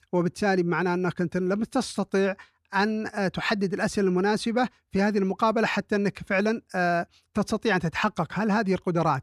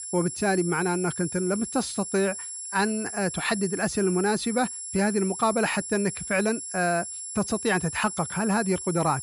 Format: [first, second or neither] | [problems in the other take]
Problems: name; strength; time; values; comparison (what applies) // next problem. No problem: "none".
first | high-pitched whine; loud; throughout; 10.5 kHz, 7 dB below the speech